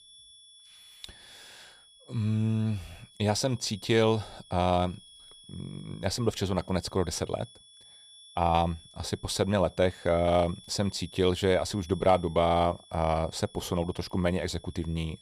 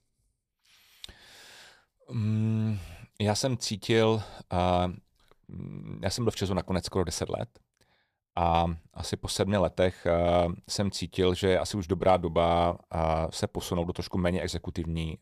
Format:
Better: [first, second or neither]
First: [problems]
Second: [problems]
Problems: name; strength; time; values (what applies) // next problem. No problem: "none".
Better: second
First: high-pitched whine; faint; throughout; 3.5 kHz, 25 dB below the speech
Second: none